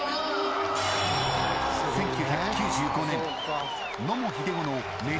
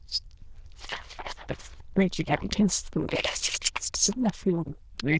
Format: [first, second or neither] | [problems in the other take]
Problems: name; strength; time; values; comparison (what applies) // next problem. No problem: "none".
first | noise reduction (neural diffusion model UNIVERSE++)